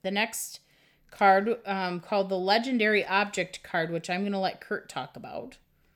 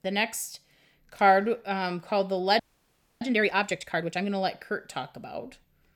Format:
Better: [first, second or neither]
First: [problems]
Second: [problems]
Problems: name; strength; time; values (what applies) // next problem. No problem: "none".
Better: first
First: none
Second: audio freezing; at 2.5 s for 0.5 s